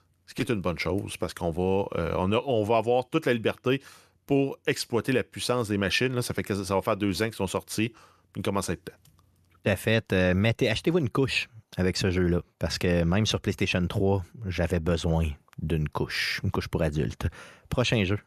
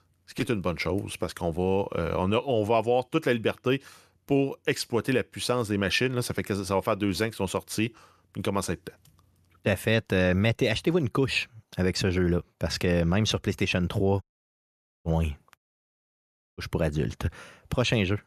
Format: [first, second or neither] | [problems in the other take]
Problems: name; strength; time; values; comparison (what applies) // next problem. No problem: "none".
first | audio cutting out; at 14 s for 1 s and at 16 s for 1 s